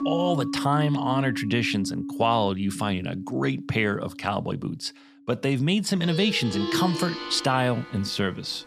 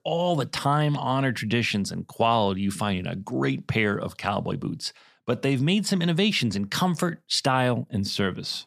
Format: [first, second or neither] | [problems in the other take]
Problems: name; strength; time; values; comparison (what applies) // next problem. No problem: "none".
second | background music; loud; throughout; 7 dB below the speech